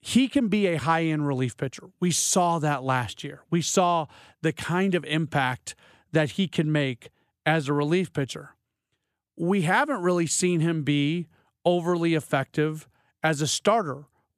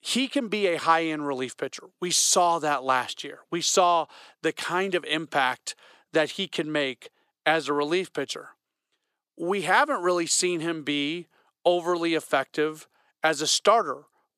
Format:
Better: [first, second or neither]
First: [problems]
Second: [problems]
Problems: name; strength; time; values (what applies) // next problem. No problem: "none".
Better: first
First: none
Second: thin; somewhat; fading below 400 Hz